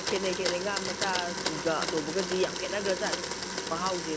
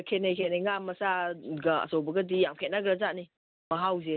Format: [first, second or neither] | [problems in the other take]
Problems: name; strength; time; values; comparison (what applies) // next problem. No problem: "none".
second | background sound (Domestic sounds, home sounds); 1 dB below the speech